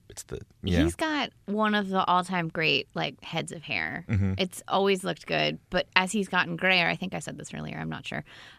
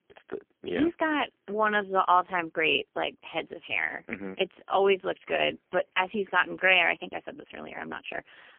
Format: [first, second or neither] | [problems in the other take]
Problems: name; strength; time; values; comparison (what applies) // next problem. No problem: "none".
first | phone-call audio; poor line; nothing above 3 kHz